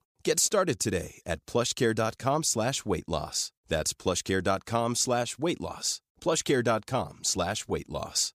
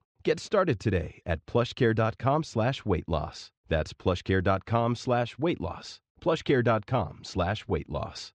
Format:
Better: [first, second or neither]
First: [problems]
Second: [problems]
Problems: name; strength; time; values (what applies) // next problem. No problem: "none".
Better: first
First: none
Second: muffled; very; fading above 3 kHz